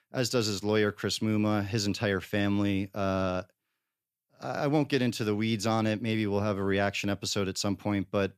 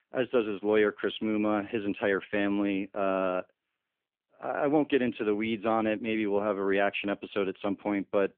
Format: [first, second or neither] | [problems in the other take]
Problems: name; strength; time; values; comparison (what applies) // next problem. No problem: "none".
first | phone-call audio; nothing above 3.5 kHz